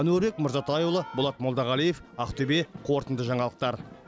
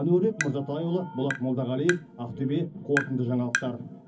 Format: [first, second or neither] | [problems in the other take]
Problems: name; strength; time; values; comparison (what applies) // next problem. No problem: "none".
first | background sound (Tap); 9 dB below the speech // room echo; dies away in 0.3 s